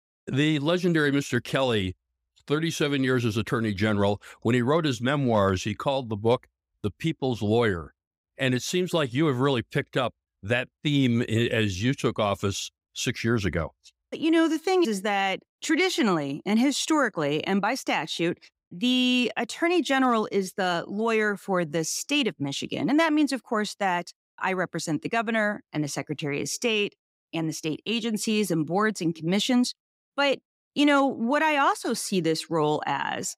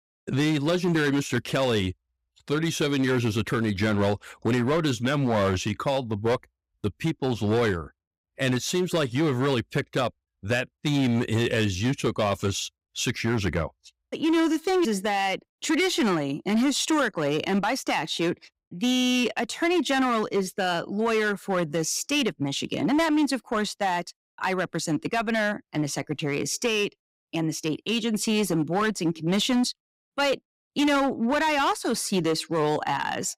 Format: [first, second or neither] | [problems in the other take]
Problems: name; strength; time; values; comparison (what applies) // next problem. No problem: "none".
first | distortion; slight; 10% of the sound clipped